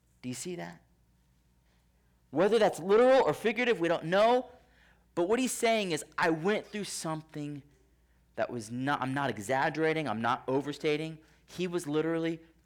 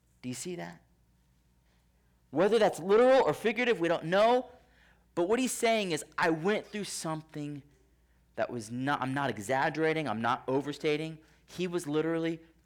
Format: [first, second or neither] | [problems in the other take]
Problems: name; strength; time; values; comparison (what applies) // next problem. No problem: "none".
neither | distortion; slight; 10 dB below the speech; the same in both